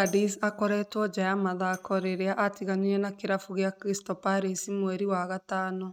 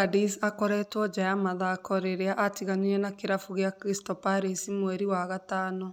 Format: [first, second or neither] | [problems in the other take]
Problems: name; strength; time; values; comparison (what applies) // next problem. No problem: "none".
second | noise reduction (neural mask model RNNoise)